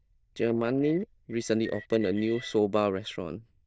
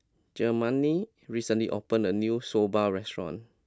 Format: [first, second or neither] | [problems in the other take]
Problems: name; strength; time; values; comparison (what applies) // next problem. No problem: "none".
second | noise reduction (neural diffusion model UNIVERSE++)